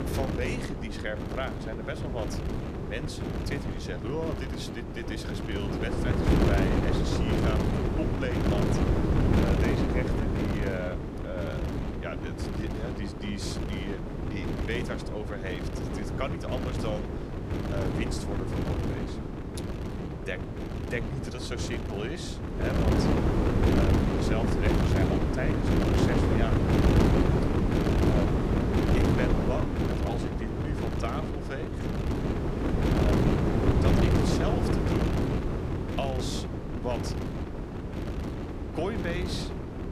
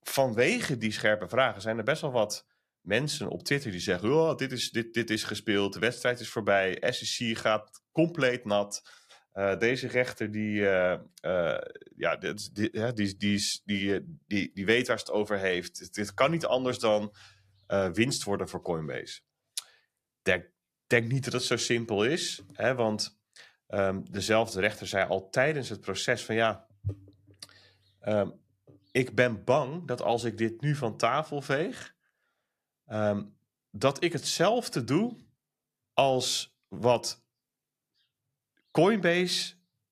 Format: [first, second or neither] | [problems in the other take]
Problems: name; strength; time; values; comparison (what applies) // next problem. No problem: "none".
second | wind noise on the microphone; heavy; 4 dB above the speech